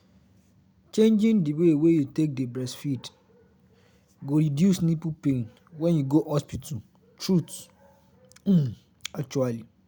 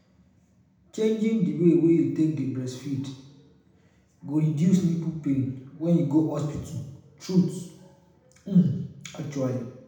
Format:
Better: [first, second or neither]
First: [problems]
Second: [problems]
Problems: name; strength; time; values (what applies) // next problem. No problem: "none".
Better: first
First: none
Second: room echo; dies away in 0.8 s